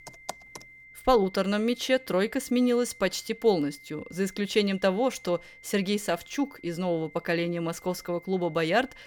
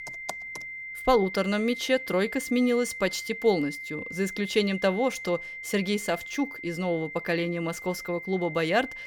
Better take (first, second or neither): first